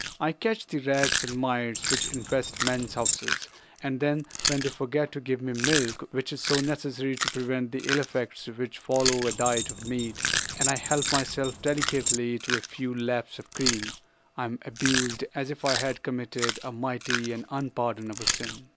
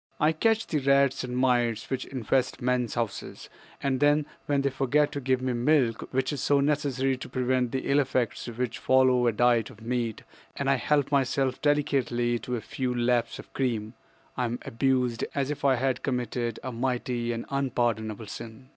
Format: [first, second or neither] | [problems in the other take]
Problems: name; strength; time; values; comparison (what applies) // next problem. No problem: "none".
second | background sound (Chewing, mastication + Keys jangling); 3 dB below the speech